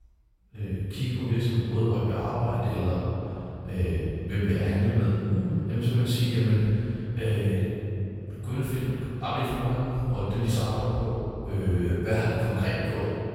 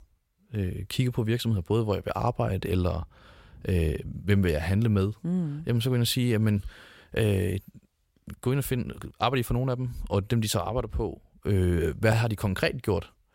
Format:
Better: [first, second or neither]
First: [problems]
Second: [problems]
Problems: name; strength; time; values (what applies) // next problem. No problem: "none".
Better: second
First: off-mic speech; far // room echo; strong; dies away in 3 s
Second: none